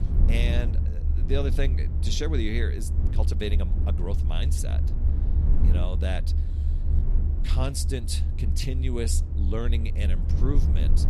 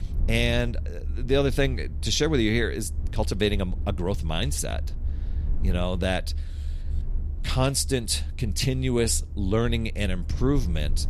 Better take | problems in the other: second | low rumble; loud; throughout; 7 dB below the speech; faint in the second

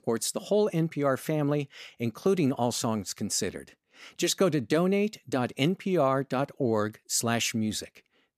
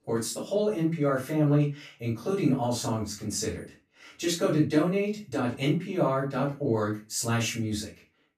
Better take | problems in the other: first | off-mic speech; far // room echo; slight; dies away in 0.3 s

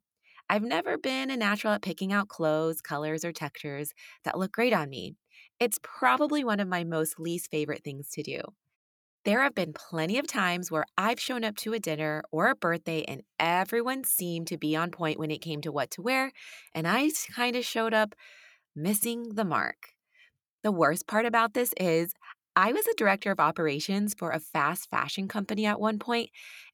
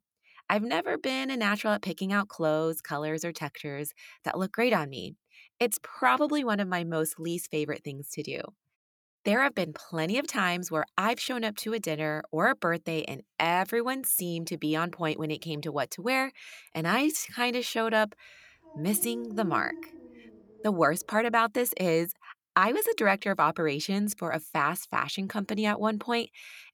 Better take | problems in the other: first | dog barking; noticeable; from 19 to 21 s; peak 10 dB below the speech

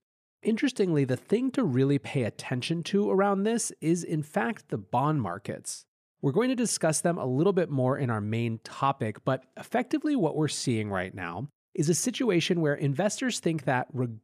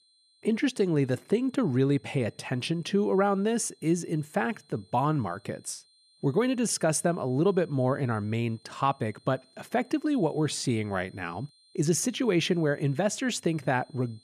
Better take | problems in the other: first | high-pitched whine; faint; throughout; 4 kHz, 30 dB below the speech

